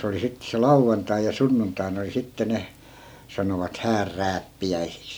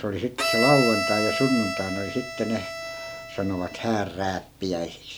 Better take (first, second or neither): first